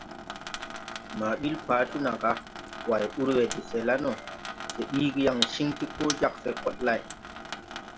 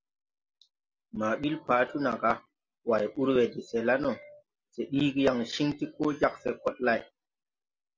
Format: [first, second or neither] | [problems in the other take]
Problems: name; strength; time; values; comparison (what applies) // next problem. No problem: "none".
second | background sound (Sink (filling or washing) / Water tap, faucet); 9 dB below the speech